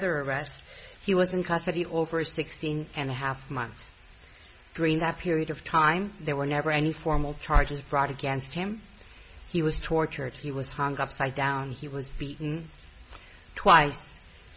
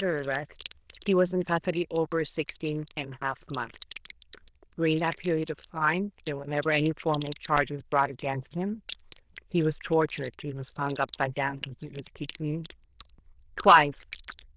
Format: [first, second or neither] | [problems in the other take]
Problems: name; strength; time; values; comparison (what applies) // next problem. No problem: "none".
first | noise reduction (neural diffusion model UNIVERSE++)